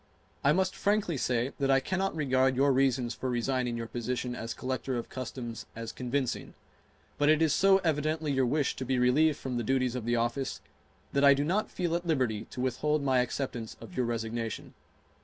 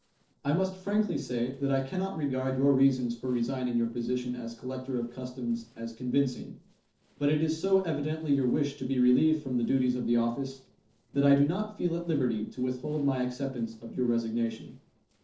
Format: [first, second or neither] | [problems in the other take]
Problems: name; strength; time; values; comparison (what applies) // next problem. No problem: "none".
first | noise reduction (neural separator model SepFormer DNS4)